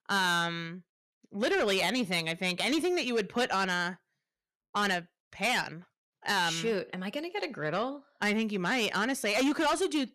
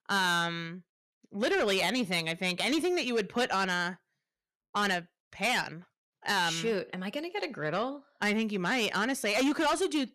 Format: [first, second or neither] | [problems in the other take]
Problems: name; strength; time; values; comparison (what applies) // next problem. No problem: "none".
neither | distortion; heavy; 8 dB below the speech; the same in both